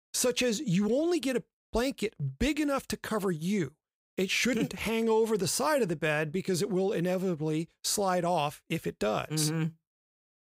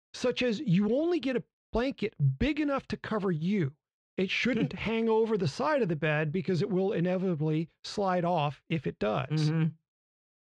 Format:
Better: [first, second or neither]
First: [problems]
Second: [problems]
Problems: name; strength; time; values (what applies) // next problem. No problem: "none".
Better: first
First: none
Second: muffled; slightly; fading above 4 kHz